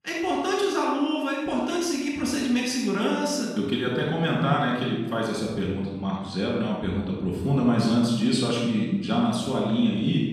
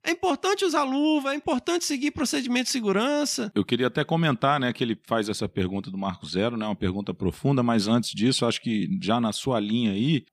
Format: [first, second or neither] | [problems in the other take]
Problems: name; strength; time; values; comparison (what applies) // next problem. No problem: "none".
second | off-mic speech; far // room echo; noticeable; dies away in 1.1 s